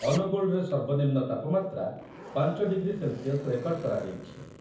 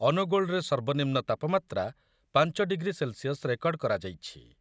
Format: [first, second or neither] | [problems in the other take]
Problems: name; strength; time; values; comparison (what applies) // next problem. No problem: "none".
second | background sound (Zipper (clothing)); 18 dB below the speech // room echo; dies away in 0.7 s